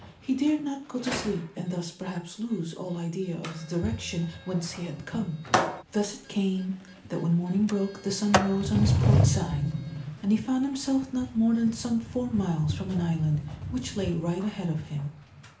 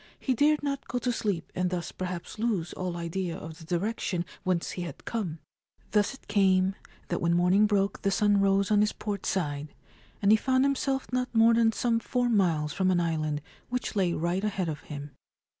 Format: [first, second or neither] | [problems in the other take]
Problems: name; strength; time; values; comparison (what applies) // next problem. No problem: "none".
second | background sound (Sliding door); 3 dB below the speech // room echo; dies away in 0.4 s